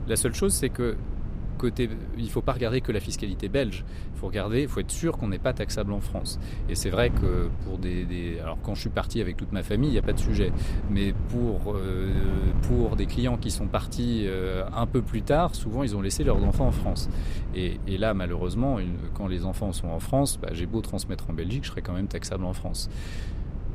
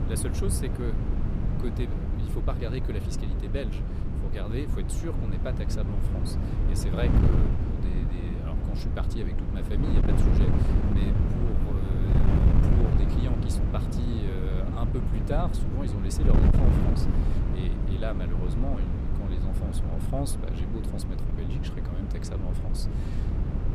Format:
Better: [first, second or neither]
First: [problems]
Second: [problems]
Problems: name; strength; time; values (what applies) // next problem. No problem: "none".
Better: first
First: wind noise on the microphone; occasional gusts; 15 dB below the speech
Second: wind noise on the microphone; heavy; 1 dB above the speech